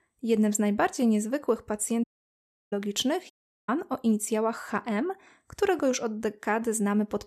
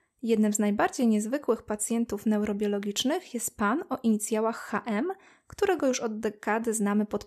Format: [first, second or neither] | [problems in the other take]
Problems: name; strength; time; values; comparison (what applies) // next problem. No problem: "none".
second | audio cutting out; at 2 s for 0.5 s and at 3.5 s